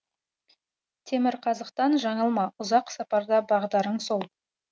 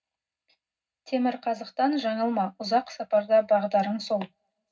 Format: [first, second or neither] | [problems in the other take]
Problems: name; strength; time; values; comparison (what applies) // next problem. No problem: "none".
first | room echo; dies away in 0.4 s